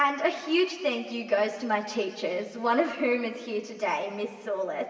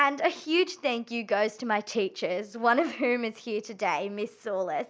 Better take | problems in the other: second | room echo; dies away in 2.1 s

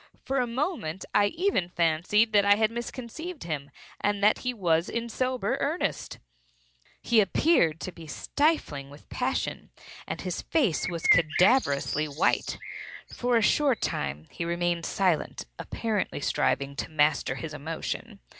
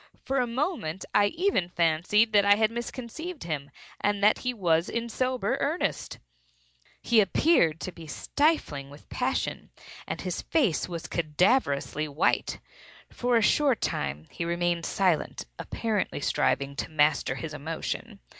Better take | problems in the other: second | background sound (Bird); 5 dB below the speech

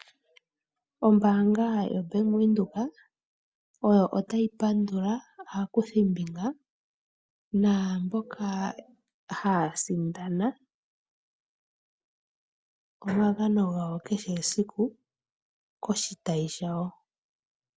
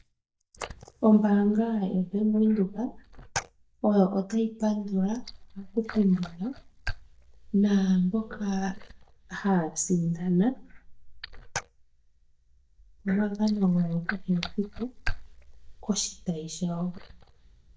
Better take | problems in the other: first | noise reduction (neural mask model DeepFilterNet 3)

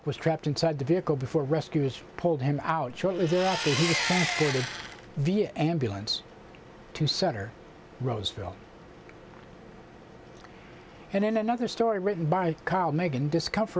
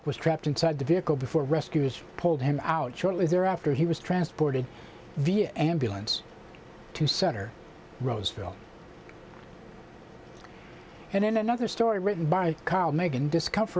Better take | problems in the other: second | background sound (Engine); 3 dB below the speech

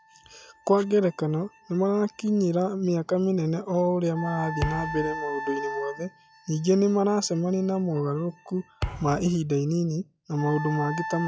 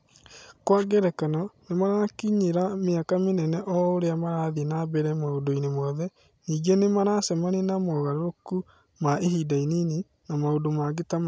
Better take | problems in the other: second | noise reduction (classical method log-MMSE)

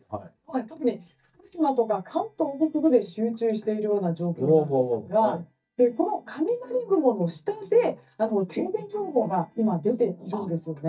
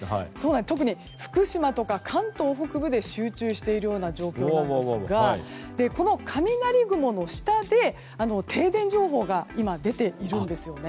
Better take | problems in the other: second | noise reduction (neural mask model DeepFilterNet 3)

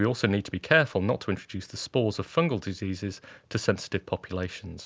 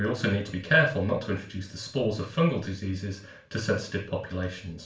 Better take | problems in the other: first | room echo; dies away in 0.4 s

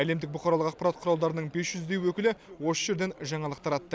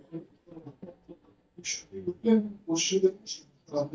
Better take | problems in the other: first | noise reduction (neural mask model DeepFilterNet 3)

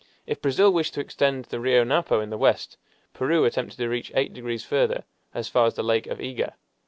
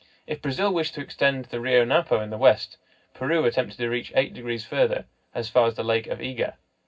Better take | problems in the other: first | room echo; dies away in 0.4 s

